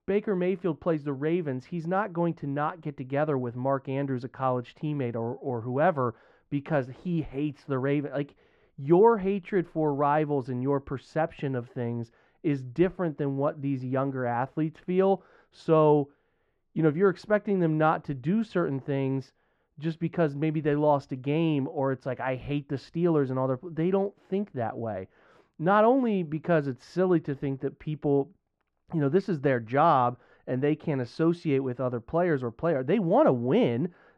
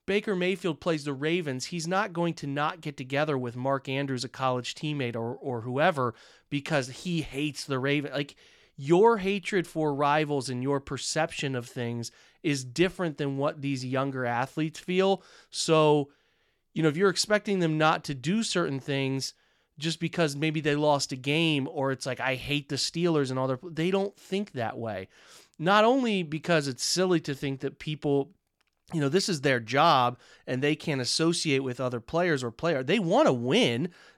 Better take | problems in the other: second | muffled; very; fading above 3 kHz

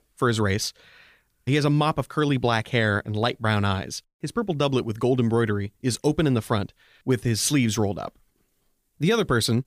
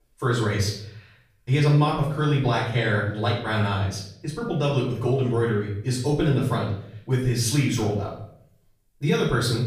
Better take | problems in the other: first | room echo; noticeable; dies away in 0.6 s // off-mic speech; far

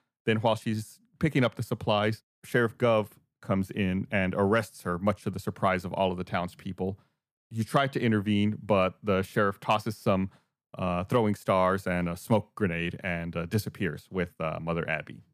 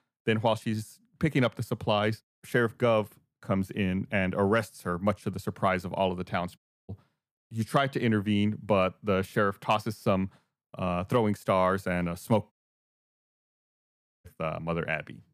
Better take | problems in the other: first | audio cutting out; at 6.5 s and at 13 s for 1.5 s

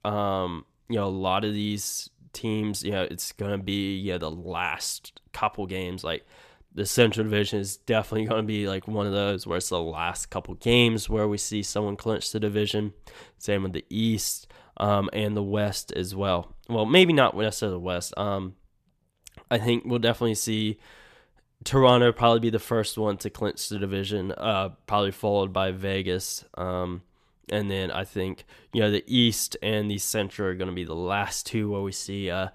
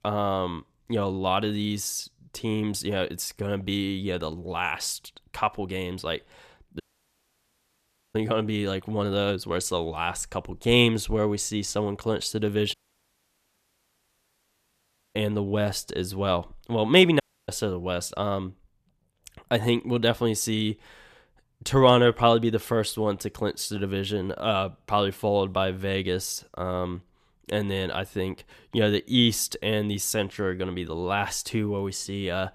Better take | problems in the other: first | audio cutting out; at 7 s for 1.5 s, at 13 s for 2.5 s and at 17 s

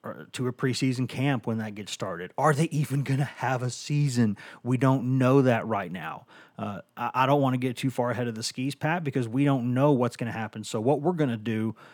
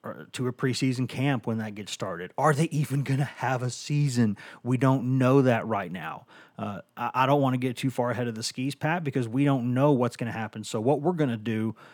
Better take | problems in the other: neither | none

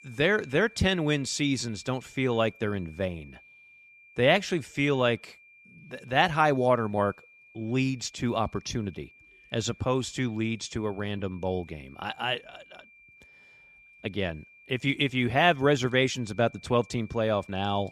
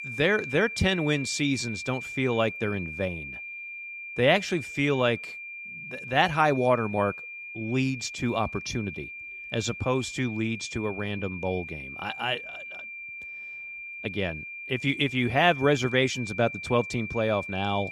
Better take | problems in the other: first | high-pitched whine; loud; throughout; 2.5 kHz, 9 dB below the speech; faint in the first

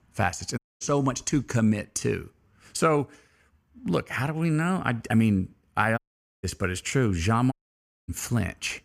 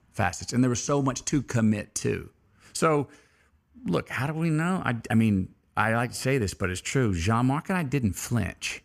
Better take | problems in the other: second | audio cutting out; at 0.5 s, at 6 s and at 7.5 s for 0.5 s

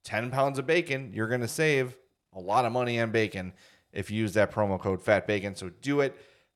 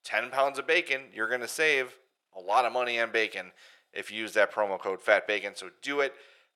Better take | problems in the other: first | thin; very; fading below 550 Hz

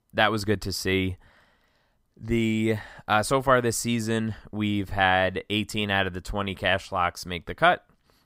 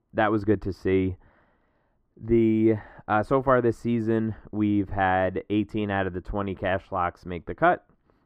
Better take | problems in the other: first | muffled; very; fading above 3 kHz

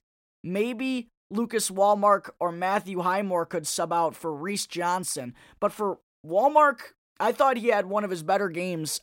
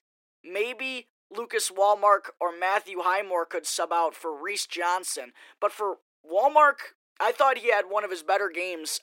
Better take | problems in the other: first | thin; very; fading below 350 Hz

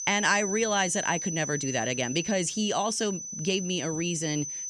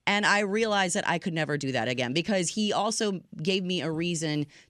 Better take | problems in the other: second | high-pitched whine; loud; throughout; 6 kHz, 5 dB below the speech

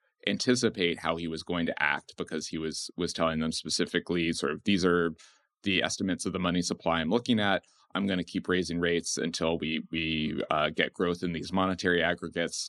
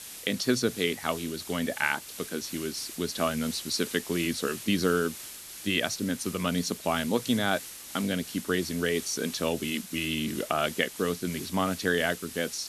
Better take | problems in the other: first | hiss; noticeable; throughout; 10 dB below the speech

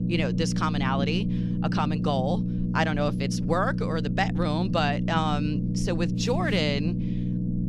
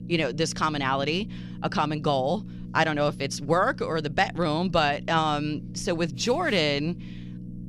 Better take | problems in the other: second | low rumble; loud; throughout; 8 dB below the speech; faint in the second

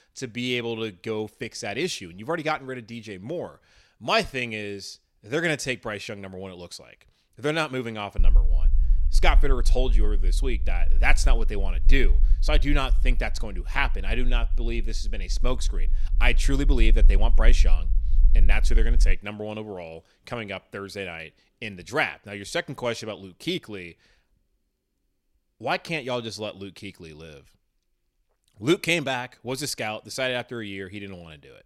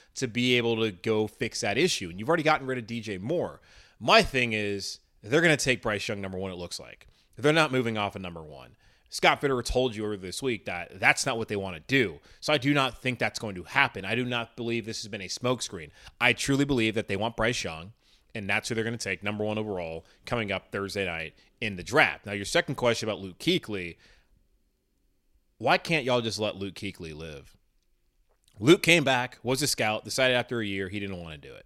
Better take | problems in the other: second | low rumble; faint; from 8 to 19 s; 25 dB below the speech

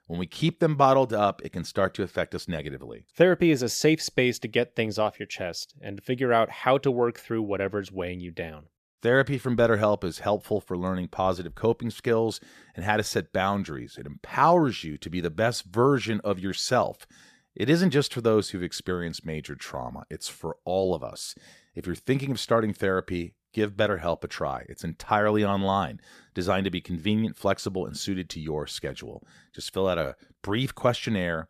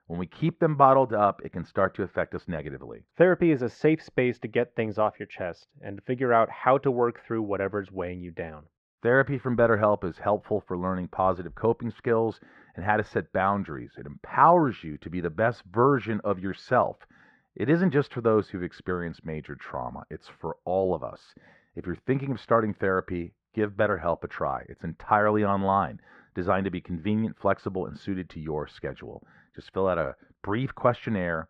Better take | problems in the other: first | muffled; very; fading above 1.5 kHz

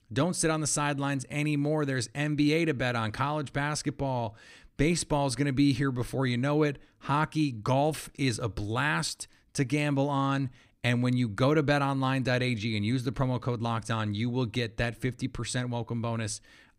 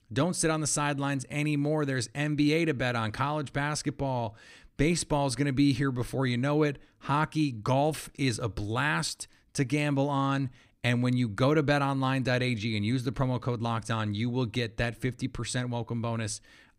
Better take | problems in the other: neither | none

